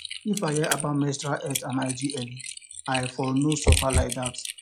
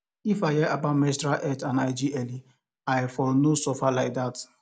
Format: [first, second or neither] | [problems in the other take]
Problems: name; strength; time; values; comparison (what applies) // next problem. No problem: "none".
second | noise reduction (classical method log-MMSE)